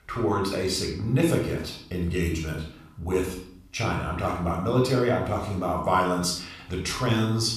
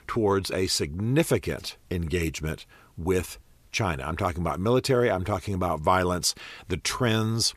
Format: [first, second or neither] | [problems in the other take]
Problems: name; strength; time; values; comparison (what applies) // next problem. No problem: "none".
second | off-mic speech; somewhat distant // room echo; noticeable; dies away in 0.5 s